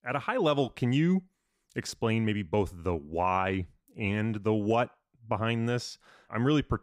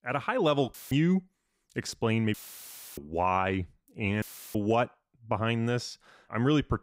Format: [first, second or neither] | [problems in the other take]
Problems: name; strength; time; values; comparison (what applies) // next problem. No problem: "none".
first | audio cutting out; filled with static; at 0.5 s, at 2.5 s for 0.5 s and at 4 s